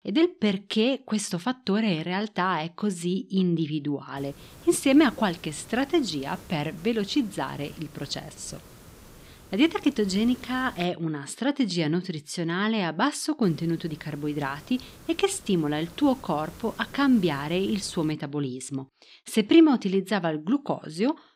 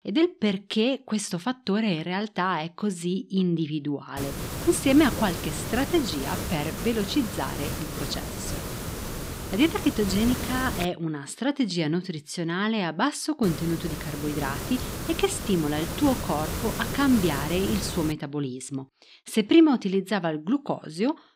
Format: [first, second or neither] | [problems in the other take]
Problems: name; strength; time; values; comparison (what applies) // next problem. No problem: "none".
first | hiss; loud; from 4 to 11 s and from 13 to 18 s; 6 dB below the speech; faint in the first